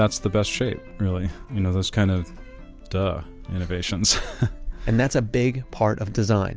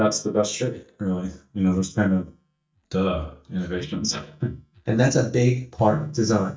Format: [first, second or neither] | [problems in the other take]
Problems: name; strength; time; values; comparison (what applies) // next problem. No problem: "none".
first | noise reduction (neural mask model DeepFilterNet 3)